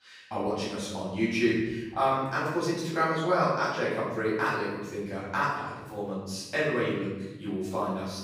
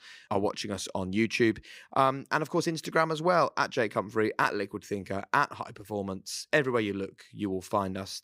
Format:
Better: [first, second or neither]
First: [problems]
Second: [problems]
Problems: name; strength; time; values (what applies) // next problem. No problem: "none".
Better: second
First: off-mic speech; far // room echo; noticeable; dies away in 1.2 s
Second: none